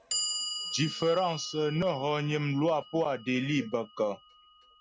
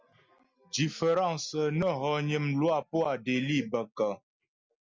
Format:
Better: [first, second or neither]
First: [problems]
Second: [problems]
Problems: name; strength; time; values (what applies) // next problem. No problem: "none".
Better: second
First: background sound (Clock); 9 dB below the speech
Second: none